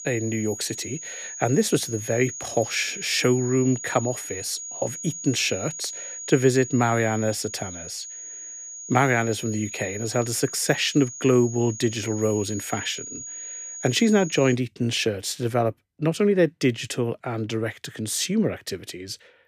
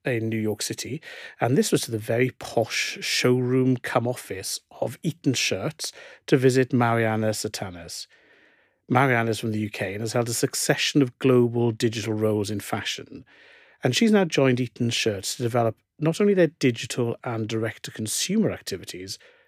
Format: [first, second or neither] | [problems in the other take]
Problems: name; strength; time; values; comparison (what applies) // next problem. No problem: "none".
second | high-pitched whine; loud; until 15 s; 6.5 kHz, 10 dB below the speech